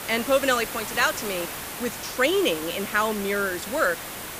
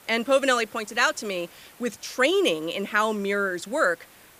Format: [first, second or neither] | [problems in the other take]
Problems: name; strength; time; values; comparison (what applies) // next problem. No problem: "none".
second | hiss; loud; throughout; 8 dB below the speech; faint in the second